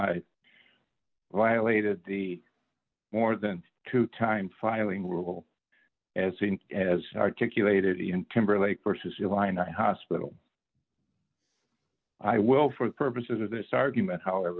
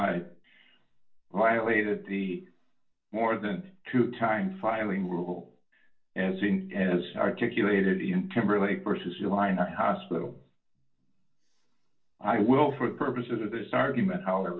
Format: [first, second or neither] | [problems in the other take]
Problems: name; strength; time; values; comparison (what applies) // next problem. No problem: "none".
first | room echo; dies away in 0.3 s